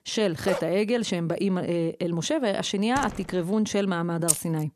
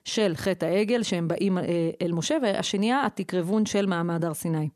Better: second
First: dog barking; noticeable; at 0.5 s; peak 6 dB below the speech // door banging; faint; at 3 s; peak 10 dB below the speech // jangling keys; loud; at 4.5 s; peak 1 dB above the speech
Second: none

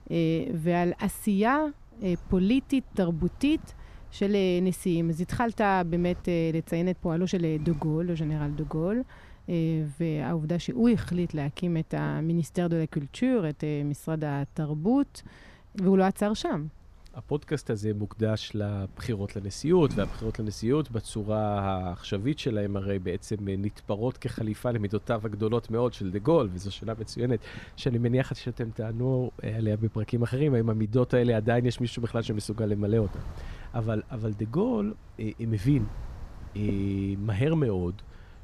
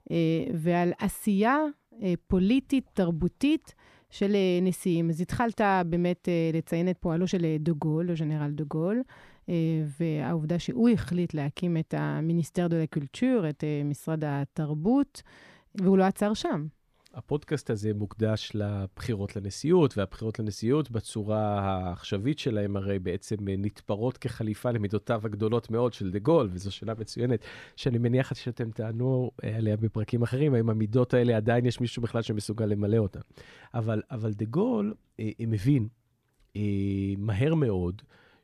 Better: second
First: wind noise on the microphone; occasional gusts; 25 dB below the speech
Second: none

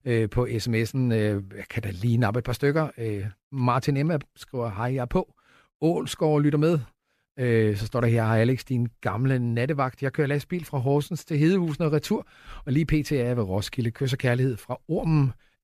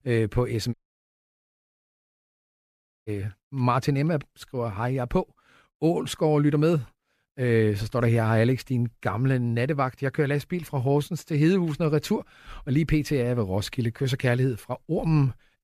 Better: first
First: none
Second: audio cutting out; at 0.5 s for 2.5 s

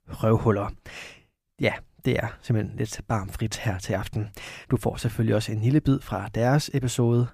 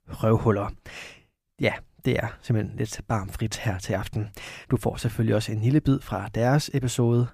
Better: neither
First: none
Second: none

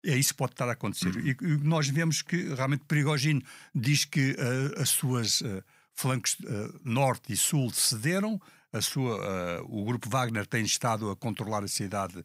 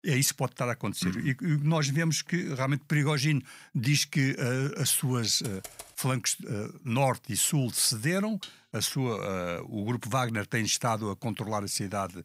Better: first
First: none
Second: keyboard typing; faint; at 5.5 s; peak 15 dB below the speech // clattering dishes; faint; at 8.5 s; peak 15 dB below the speech

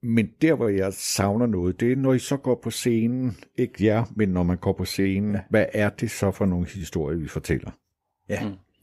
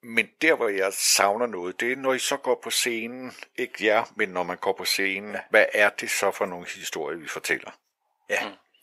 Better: first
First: none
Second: thin; very; fading below 750 Hz

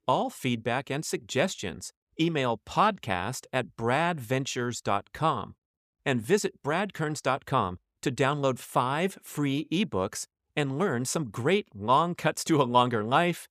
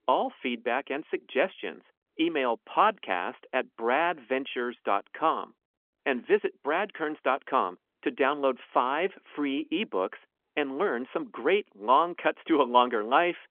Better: first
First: none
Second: phone-call audio; nothing above 3.5 kHz

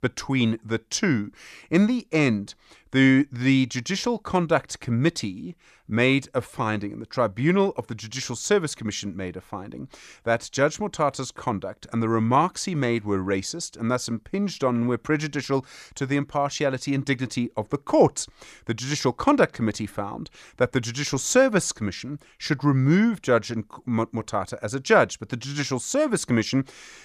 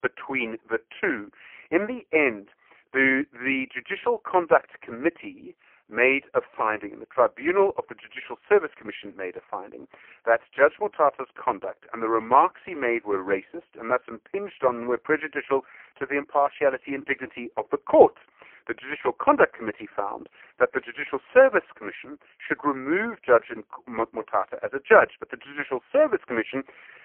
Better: first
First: none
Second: phone-call audio; poor line

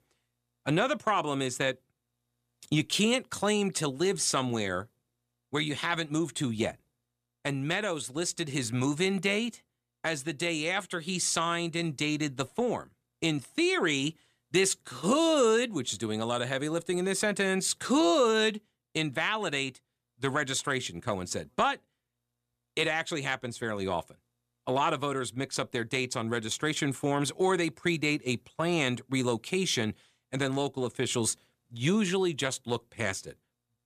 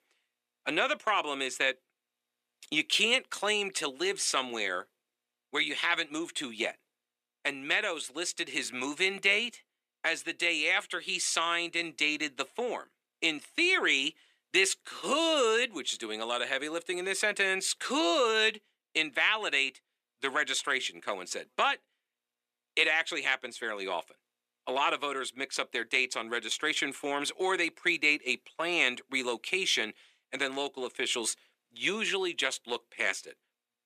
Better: first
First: none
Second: thin; somewhat; fading below 300 Hz

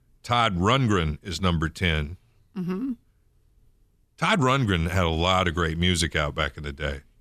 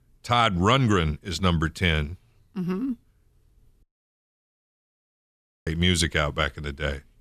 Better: first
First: none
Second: audio cutting out; at 4 s for 2 s

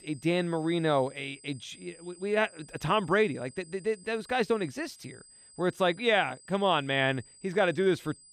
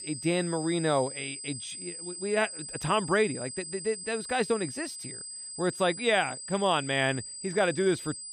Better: first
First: high-pitched whine; faint; throughout; 8 kHz, 25 dB below the speech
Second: high-pitched whine; loud; throughout; 8 kHz, 9 dB below the speech

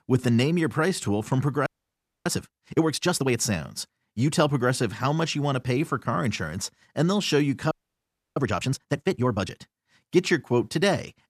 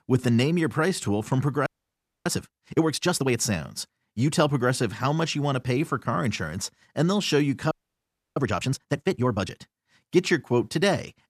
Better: neither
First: audio freezing; at 1.5 s for 0.5 s and at 7.5 s for 0.5 s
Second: audio freezing; at 1.5 s for 0.5 s and at 7.5 s for 0.5 s

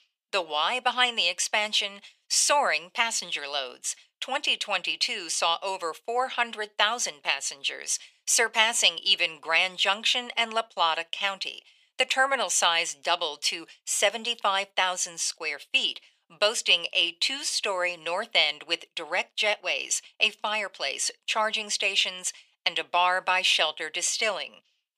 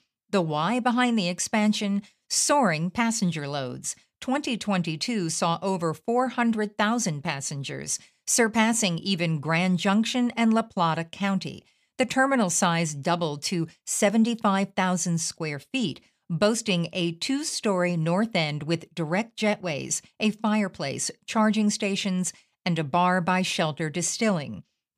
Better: second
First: thin; very; fading below 550 Hz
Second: none

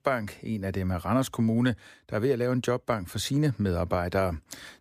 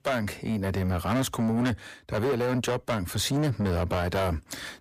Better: first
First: none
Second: distortion; heavy; 7 dB below the speech

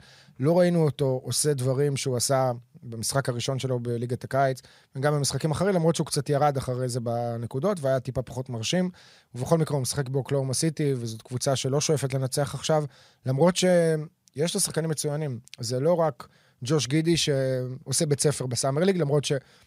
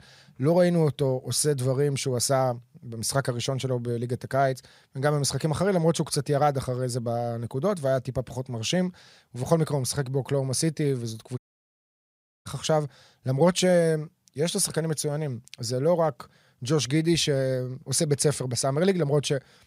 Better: first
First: none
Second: audio cutting out; at 11 s for 1 s

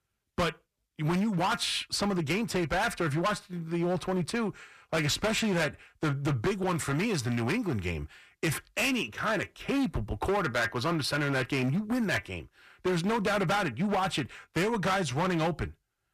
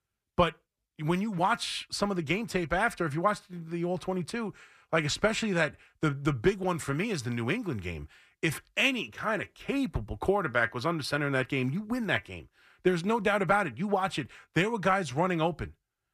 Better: second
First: distortion; heavy; 14% of the sound clipped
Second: none

